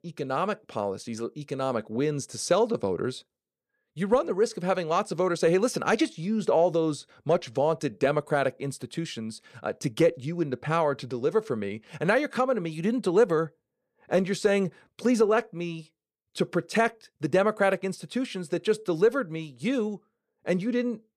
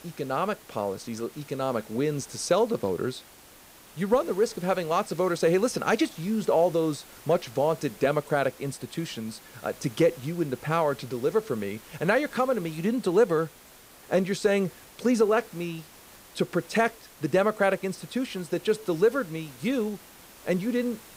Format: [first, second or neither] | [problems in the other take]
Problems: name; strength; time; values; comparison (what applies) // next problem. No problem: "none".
first | hiss; faint; throughout; 20 dB below the speech